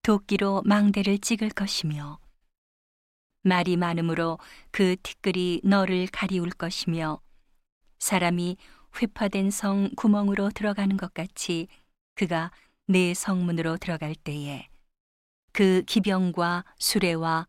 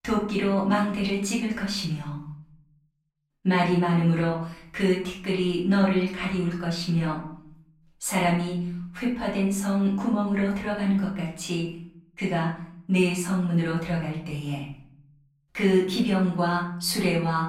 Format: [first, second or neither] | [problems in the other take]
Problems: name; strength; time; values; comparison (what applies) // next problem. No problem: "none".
first | room echo; noticeable; dies away in 0.6 s // off-mic speech; far